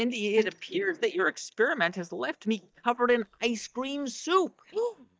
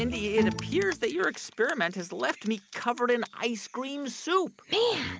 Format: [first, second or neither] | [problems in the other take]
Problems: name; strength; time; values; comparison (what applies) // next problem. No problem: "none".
second | noise reduction (neural mask model DeepFilterNet 3)